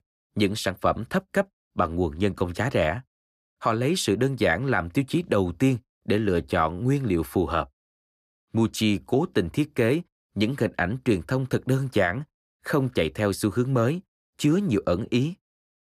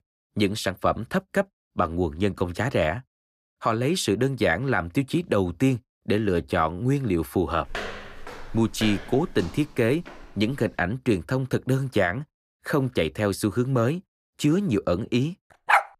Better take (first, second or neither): first